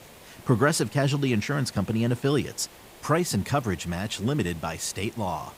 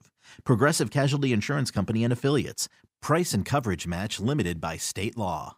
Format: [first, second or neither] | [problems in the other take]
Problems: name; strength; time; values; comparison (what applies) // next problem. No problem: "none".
second | hiss; faint; throughout; 20 dB below the speech